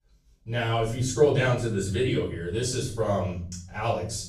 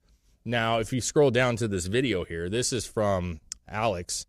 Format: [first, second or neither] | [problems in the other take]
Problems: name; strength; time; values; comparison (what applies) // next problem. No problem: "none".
second | off-mic speech; far // room echo; noticeable; dies away in 0.6 s